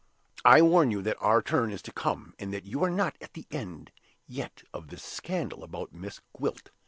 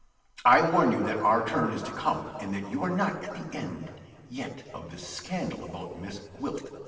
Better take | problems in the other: first | room echo; dies away in 2.3 s

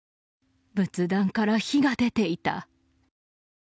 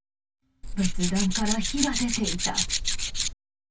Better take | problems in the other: first | background sound (Tools); 3 dB above the speech // room echo; dies away in 0.1 s

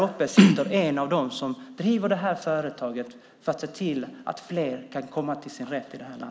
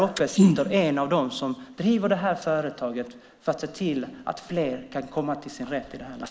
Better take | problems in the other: first | noise reduction (neural mask model Resemble Enhance denoiser)

